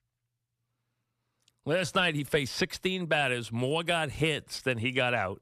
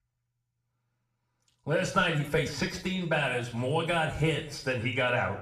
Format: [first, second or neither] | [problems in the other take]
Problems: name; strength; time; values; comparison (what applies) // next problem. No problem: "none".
first | room echo; slight; dies away in 0.6 s // off-mic speech; somewhat distant